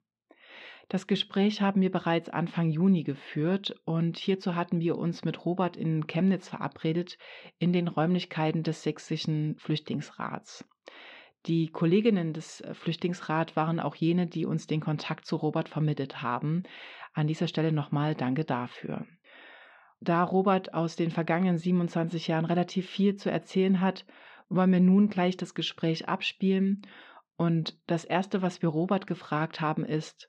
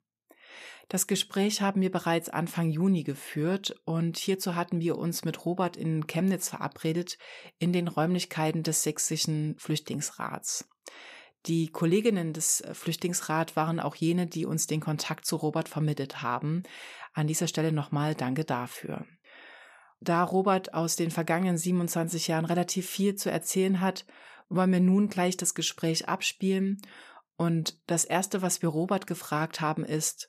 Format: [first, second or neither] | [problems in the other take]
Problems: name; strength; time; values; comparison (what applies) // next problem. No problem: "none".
second | muffled; slightly; fading above 4 kHz